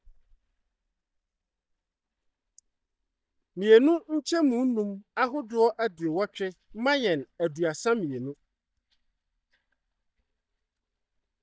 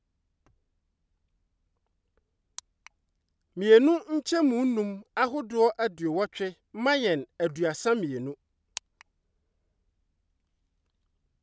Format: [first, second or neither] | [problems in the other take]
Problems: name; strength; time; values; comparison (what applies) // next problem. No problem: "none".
second | noise reduction (neural mask model DeepFilterNet 3)